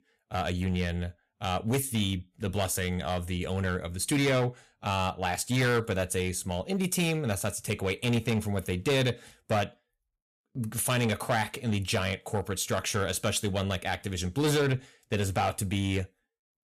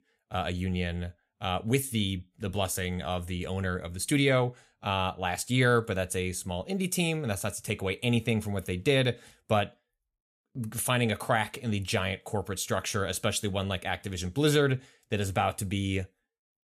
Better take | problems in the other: second | distortion; slight; 7% of the sound clipped

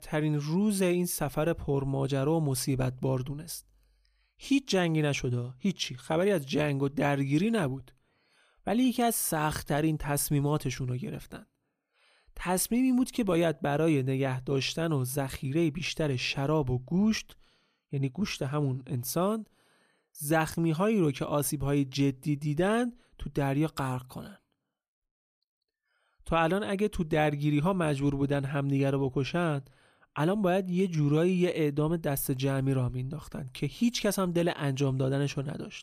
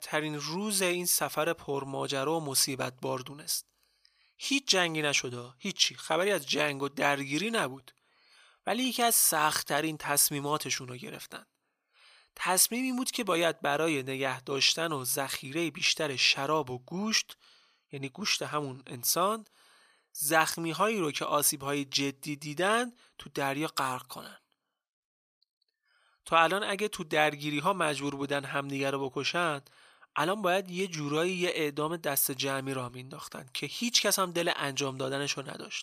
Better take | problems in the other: first | thin; somewhat; fading below 1 kHz

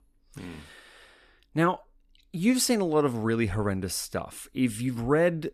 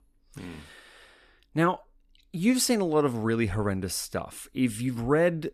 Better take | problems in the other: neither | none

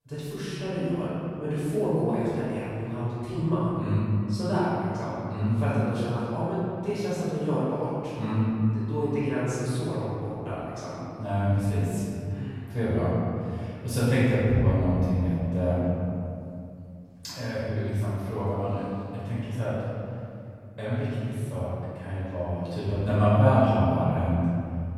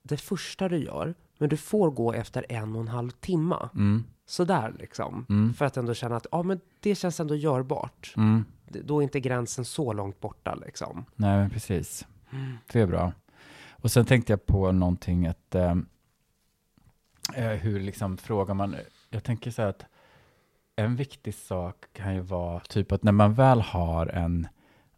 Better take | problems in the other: second | off-mic speech; far // room echo; strong; dies away in 2.5 s

